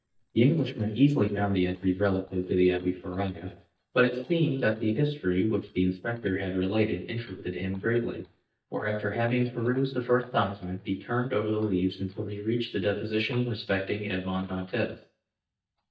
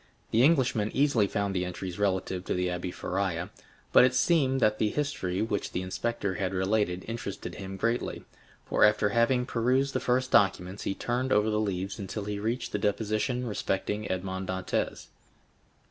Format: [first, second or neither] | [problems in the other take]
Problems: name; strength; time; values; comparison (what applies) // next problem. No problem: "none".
second | noise reduction (neural mask model DeepFilterNet 3)